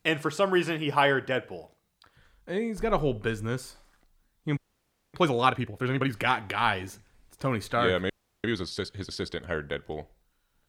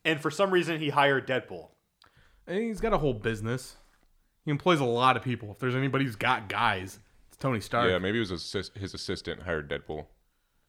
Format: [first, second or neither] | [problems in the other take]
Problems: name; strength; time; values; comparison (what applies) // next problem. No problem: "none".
second | audio freezing; at 4.5 s for 0.5 s and at 8 s